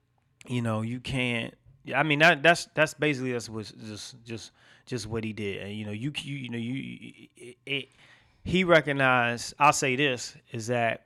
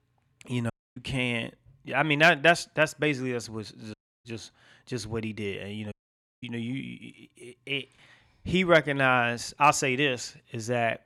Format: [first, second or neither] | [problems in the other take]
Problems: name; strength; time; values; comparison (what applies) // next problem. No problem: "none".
first | audio cutting out; at 0.5 s, at 4 s and at 6 s for 0.5 s